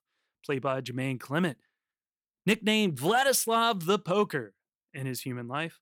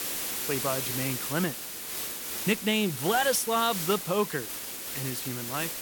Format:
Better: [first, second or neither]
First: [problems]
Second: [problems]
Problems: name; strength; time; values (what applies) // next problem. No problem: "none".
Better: first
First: none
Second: hiss; loud; throughout; 3 dB below the speech